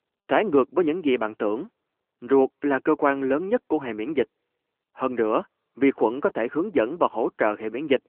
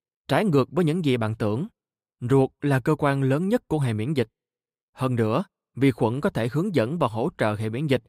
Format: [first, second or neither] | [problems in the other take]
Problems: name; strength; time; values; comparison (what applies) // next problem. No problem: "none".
second | phone-call audio; nothing above 3 kHz